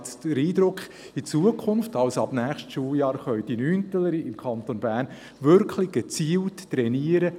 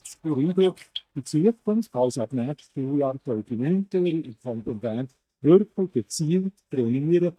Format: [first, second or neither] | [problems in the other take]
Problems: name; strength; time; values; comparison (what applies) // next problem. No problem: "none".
first | noise reduction (neural mask model DeepFilterNet 3)